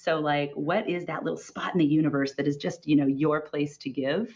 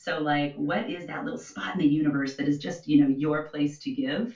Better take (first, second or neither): first